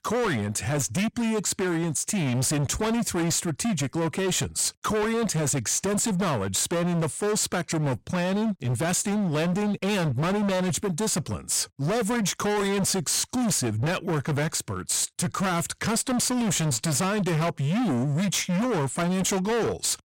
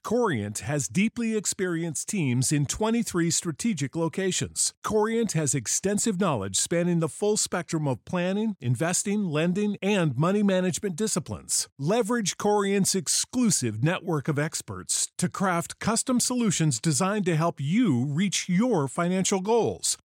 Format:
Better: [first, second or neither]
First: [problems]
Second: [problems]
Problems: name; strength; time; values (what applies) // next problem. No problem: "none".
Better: second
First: distortion; heavy; 37% of the sound clipped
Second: none